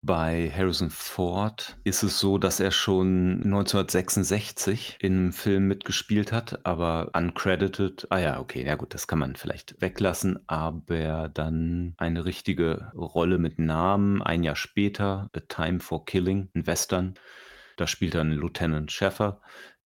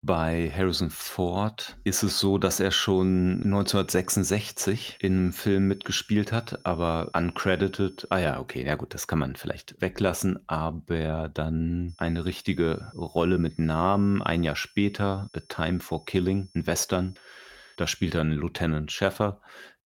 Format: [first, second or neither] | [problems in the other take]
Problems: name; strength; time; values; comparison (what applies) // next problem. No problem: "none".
first | high-pitched whine; faint; from 3 to 8.5 s and from 12 to 18 s; 5.5 kHz, 30 dB below the speech